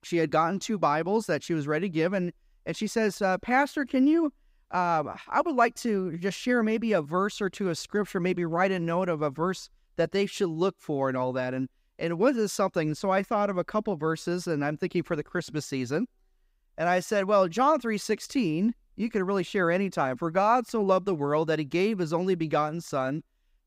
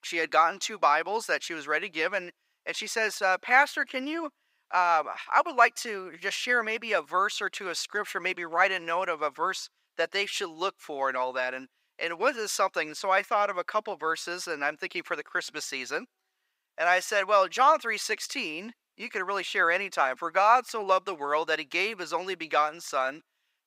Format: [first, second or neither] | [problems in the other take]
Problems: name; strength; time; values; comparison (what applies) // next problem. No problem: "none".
first | thin; very; fading below 700 Hz